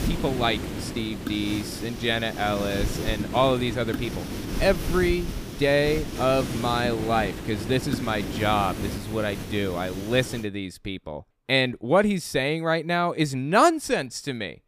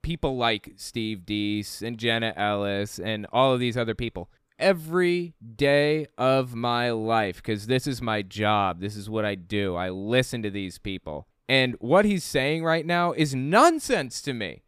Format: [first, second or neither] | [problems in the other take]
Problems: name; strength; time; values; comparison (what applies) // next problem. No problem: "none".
second | hiss; loud; until 10 s; 7 dB below the speech